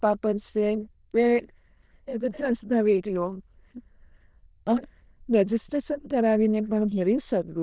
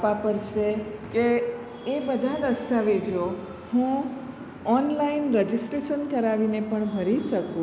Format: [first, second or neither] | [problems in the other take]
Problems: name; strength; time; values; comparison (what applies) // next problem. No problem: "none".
second | noise reduction (neural diffusion model UNIVERSE++)